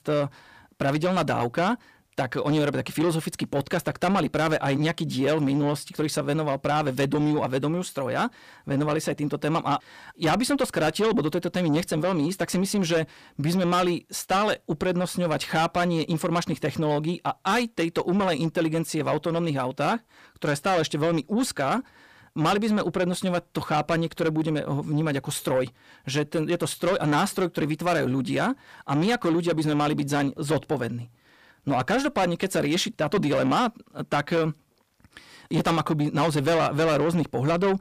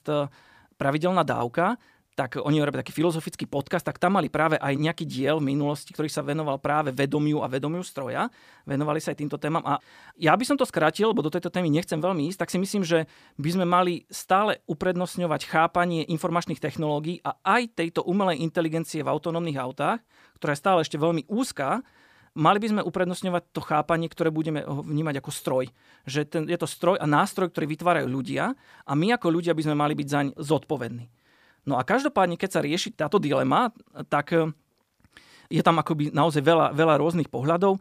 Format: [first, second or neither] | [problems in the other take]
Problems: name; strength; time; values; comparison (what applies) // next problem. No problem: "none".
second | distortion; heavy; 8 dB below the speech